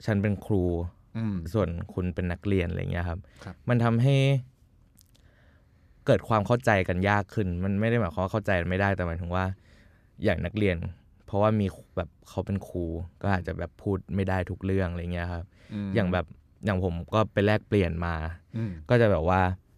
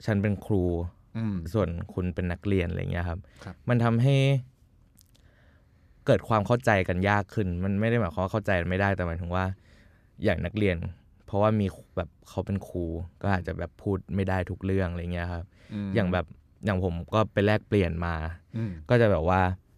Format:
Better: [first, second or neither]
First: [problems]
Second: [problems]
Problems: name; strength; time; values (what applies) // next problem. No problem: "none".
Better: neither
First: none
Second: none